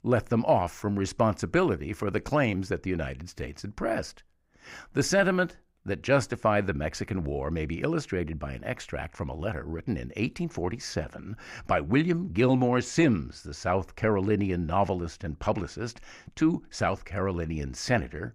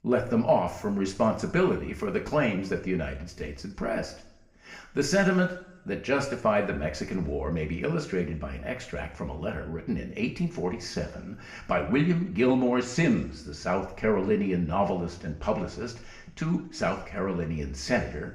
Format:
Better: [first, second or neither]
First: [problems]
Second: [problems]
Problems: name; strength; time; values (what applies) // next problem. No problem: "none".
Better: first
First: none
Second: room echo; slight; dies away in 0.6 s // off-mic speech; somewhat distant